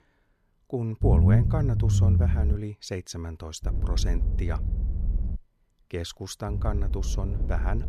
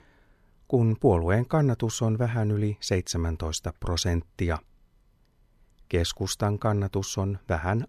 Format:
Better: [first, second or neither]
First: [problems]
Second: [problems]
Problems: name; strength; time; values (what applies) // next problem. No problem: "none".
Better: second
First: low rumble; loud; from 1 to 2.5 s, from 3.5 to 5.5 s and from 6.5 s on; 4 dB below the speech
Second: none